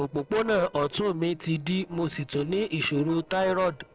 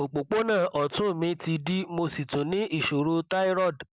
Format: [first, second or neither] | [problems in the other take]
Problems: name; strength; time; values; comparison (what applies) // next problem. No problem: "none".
second | noise reduction (neural separator model SepFormer DNS4)